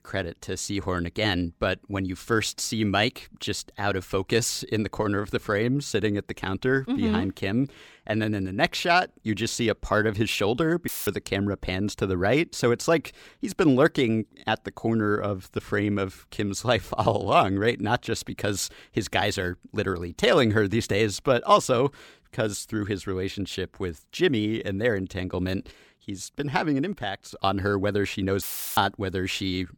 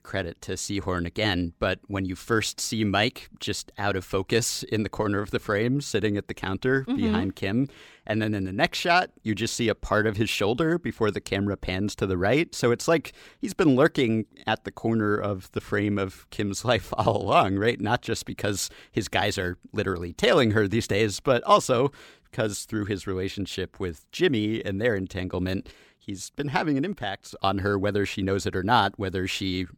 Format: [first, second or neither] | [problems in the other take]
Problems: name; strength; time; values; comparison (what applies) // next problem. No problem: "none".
second | audio cutting out; filled with static; at 11 s and at 28 s